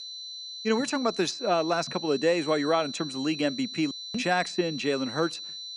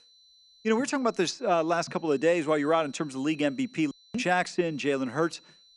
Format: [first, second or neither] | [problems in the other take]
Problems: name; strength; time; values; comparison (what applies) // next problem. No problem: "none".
second | high-pitched whine; loud; throughout; 4 kHz, 8 dB below the speech; faint in the second